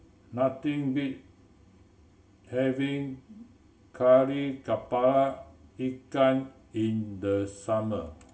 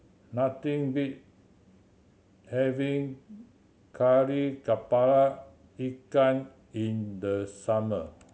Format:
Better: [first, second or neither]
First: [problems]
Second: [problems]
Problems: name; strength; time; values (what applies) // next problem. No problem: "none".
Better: second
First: room echo; dies away in 0.2 s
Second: none